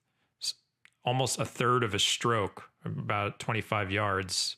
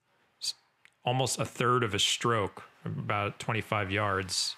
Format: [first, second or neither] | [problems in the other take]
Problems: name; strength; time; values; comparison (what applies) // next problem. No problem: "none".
first | rain or running water; faint; throughout; 30 dB below the speech